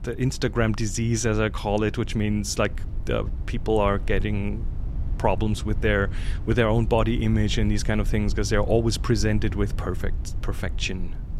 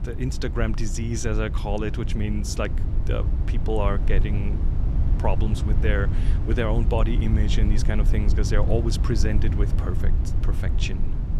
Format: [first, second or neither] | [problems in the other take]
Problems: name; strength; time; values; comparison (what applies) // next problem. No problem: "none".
first | low rumble; loud; throughout; 9 dB below the speech; faint in the first